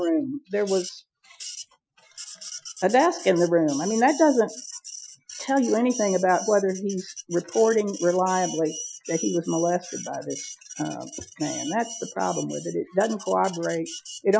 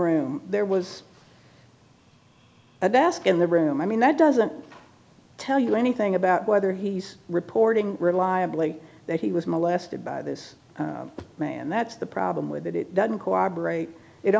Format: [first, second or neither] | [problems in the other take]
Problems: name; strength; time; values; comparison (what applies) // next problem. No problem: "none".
second | noise reduction (classical method Wiener filter)